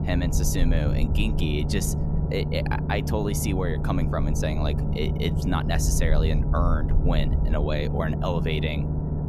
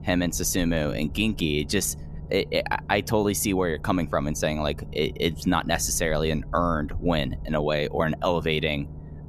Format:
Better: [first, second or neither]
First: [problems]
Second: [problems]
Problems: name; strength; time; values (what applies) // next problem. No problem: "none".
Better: second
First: low rumble; loud; throughout; 6 dB below the speech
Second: low rumble; faint; throughout; 25 dB below the speech